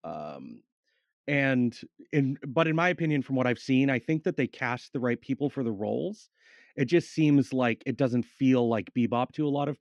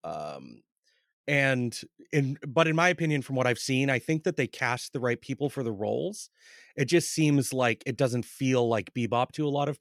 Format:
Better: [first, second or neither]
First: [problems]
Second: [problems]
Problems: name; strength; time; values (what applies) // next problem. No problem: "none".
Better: second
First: muffled; slightly; fading above 3.5 kHz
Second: none